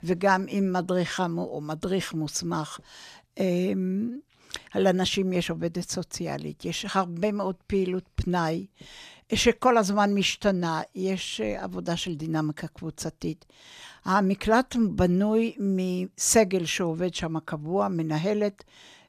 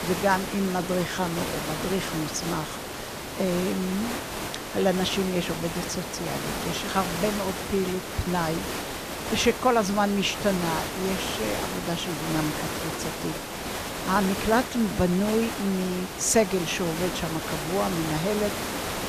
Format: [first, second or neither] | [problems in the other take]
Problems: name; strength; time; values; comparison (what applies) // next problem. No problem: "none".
first | hiss; loud; throughout; 4 dB below the speech